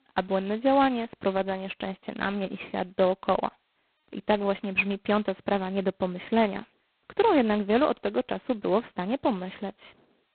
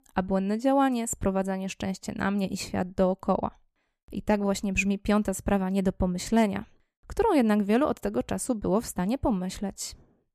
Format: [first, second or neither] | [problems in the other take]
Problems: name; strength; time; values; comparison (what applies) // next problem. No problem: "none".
second | phone-call audio; poor line; nothing above 4 kHz